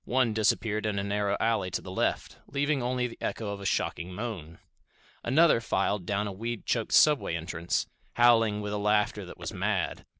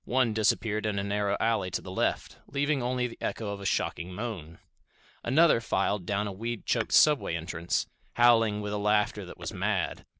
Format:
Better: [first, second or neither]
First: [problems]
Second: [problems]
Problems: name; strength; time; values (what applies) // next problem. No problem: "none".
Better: first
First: none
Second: background sound (Tap / Hammer); 15 dB below the speech